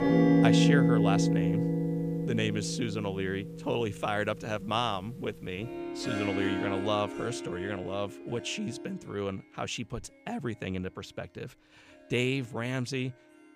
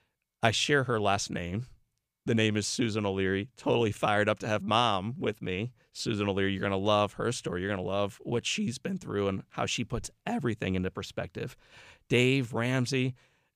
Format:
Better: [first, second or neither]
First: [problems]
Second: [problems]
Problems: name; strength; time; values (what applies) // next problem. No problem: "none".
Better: second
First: background music; very loud; throughout; 5 dB above the speech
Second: none